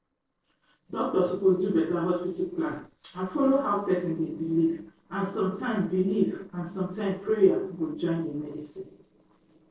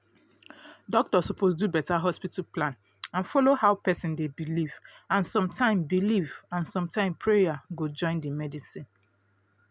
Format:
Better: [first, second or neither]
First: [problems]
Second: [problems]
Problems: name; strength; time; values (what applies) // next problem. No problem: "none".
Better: second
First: noise reduction (neural separator model SepFormer DNS4)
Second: none